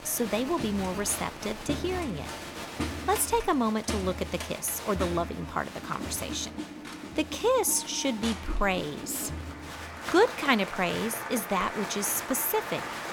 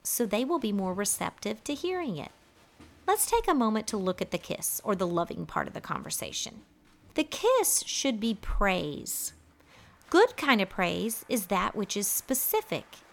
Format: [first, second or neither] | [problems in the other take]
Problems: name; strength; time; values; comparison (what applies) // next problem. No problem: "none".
second | crowd noise; loud; throughout; 8 dB below the speech; faint in the second